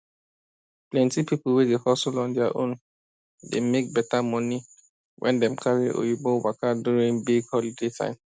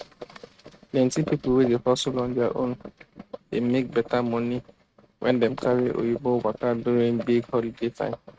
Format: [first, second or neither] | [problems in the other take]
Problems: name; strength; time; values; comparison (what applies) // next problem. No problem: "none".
first | noise reduction (neural mask model RNNoise)